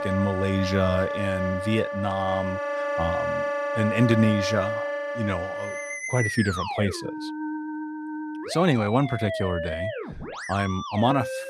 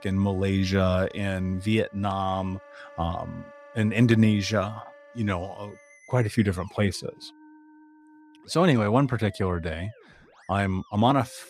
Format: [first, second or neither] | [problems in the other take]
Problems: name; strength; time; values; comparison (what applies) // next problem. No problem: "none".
second | background music; loud; throughout; 4 dB below the speech; faint in the second